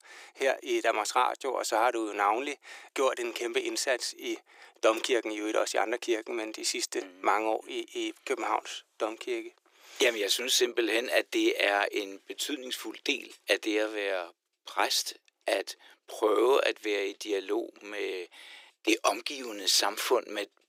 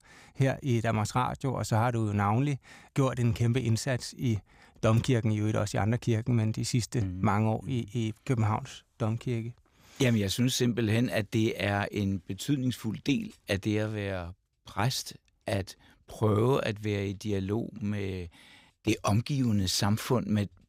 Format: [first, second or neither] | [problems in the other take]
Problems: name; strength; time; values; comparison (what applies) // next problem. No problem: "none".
second | thin; very; fading below 350 Hz